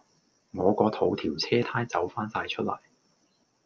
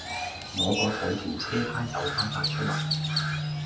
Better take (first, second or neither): first